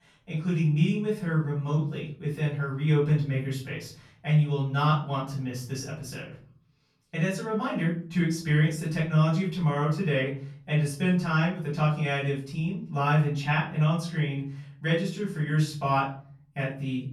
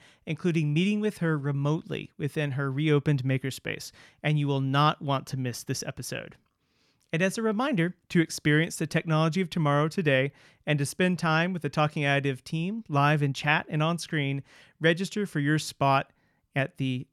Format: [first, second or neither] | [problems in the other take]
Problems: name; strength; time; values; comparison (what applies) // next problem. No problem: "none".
second | off-mic speech; far // room echo; slight; dies away in 0.5 s